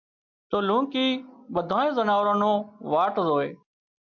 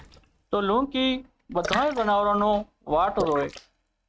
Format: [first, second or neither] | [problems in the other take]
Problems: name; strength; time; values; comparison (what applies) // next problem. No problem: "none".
first | noise reduction (neural mask model RNNoise)